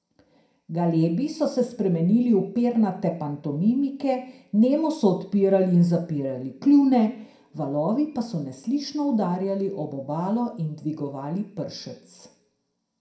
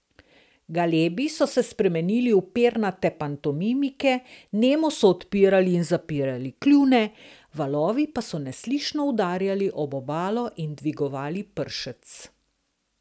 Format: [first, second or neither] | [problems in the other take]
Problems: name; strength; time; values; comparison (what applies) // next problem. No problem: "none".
second | room echo; dies away in 0.4 s